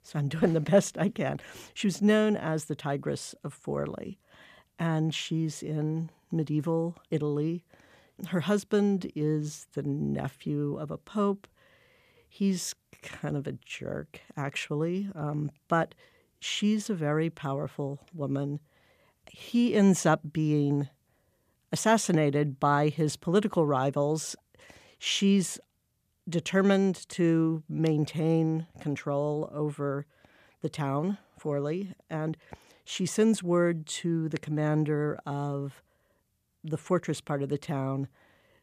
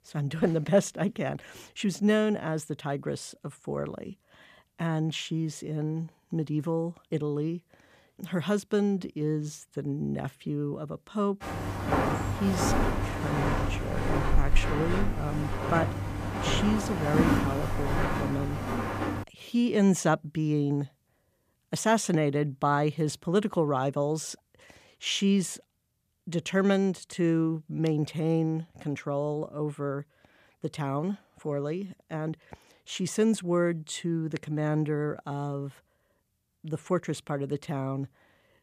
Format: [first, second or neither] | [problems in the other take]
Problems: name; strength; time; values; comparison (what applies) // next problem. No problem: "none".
first | footsteps; loud; from 12 to 19 s; peak 5 dB above the speech